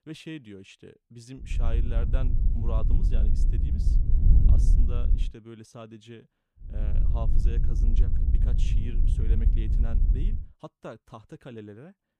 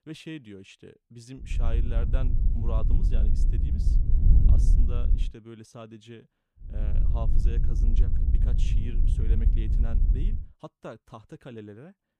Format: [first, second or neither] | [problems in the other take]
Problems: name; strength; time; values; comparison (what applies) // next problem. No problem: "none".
neither | wind noise on the microphone; heavy; from 1.5 to 5 s and from 6.5 to 10 s; 1 dB below the speech; the same in both